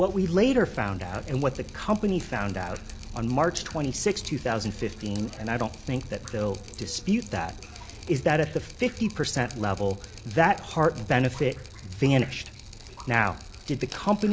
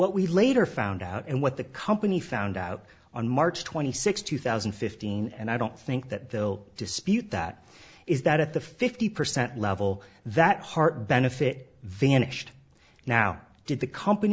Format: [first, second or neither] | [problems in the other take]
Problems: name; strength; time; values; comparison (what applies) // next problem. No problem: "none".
second | background sound (Drip); 14 dB below the speech